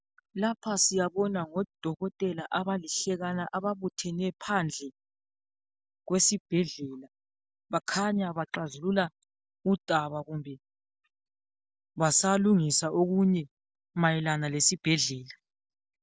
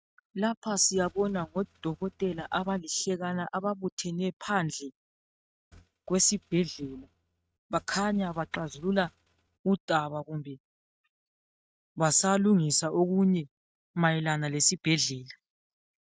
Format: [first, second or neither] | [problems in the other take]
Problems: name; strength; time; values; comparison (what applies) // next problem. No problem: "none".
first | noise reduction (neural mask model RNNoise)